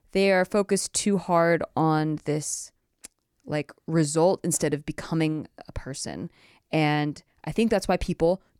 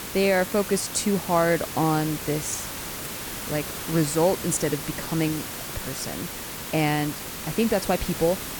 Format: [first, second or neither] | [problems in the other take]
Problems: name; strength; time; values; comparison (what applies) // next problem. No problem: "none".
first | hiss; loud; throughout; 7 dB below the speech